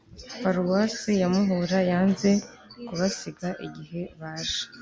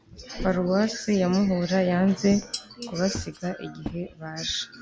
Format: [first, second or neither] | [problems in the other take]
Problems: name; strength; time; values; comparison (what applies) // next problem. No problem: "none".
first | background sound (Walk, footsteps + Dishes, pots, and pans); 14 dB below the speech